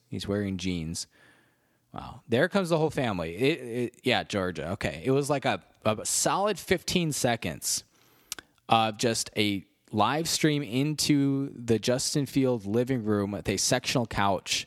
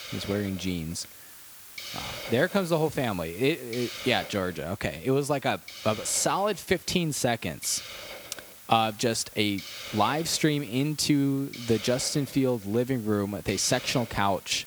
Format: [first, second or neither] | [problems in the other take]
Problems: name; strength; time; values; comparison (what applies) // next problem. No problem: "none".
first | hiss; noticeable; throughout; 15 dB below the speech